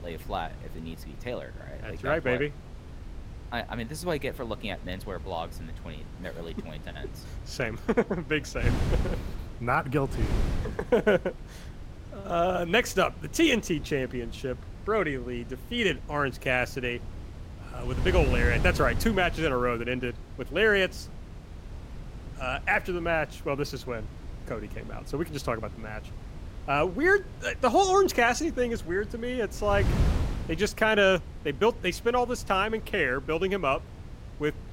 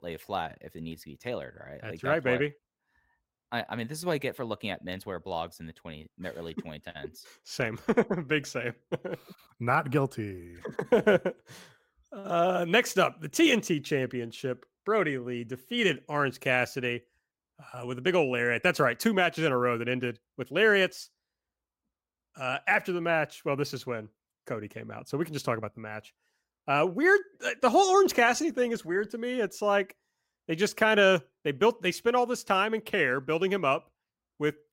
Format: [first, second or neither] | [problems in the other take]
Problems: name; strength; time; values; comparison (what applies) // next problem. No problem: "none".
second | wind noise on the microphone; occasional gusts; 20 dB below the speech